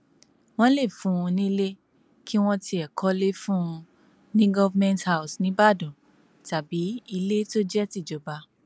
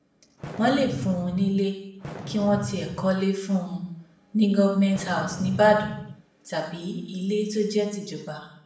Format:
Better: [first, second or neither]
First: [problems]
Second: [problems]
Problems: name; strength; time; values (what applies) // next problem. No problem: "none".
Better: first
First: none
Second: background sound (Fireworks); 11 dB below the speech // room echo; dies away in 0.7 s